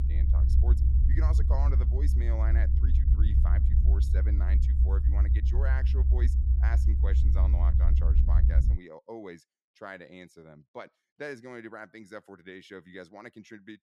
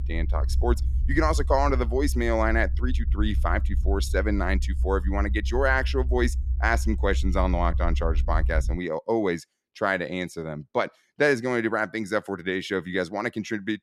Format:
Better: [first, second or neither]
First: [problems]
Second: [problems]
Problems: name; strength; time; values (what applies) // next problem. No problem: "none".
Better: second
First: low rumble; loud; until 9 s; 1 dB below the speech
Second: low rumble; faint; until 9 s; 20 dB below the speech